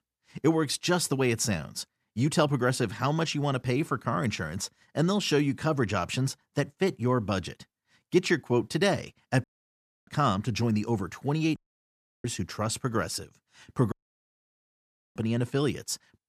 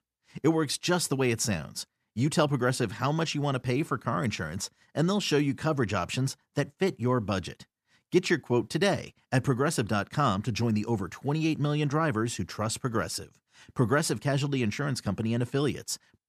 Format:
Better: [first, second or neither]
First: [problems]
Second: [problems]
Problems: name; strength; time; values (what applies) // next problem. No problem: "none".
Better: second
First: audio cutting out; at 9.5 s for 0.5 s, at 12 s for 0.5 s and at 14 s for 1 s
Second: none